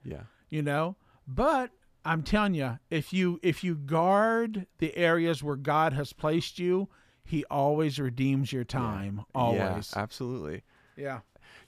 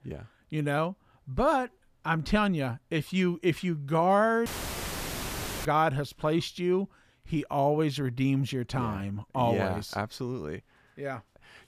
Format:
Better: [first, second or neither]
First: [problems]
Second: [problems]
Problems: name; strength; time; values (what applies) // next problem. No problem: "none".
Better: first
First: none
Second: audio cutting out; filled with static; at 4.5 s for 1 s